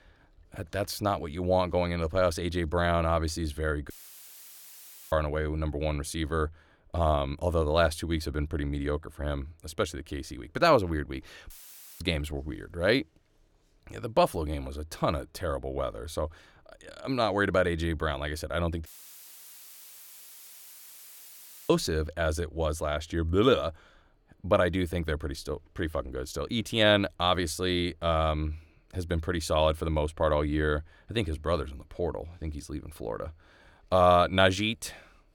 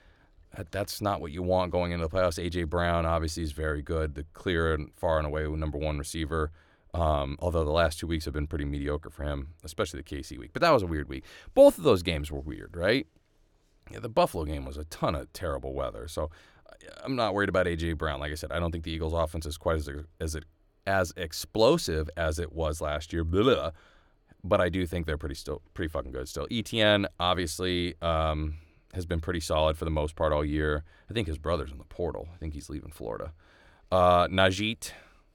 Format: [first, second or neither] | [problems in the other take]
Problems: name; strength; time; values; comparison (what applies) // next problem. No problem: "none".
second | audio cutting out; filled with static; at 4 s for 1 s, at 12 s for 0.5 s and at 19 s for 3 s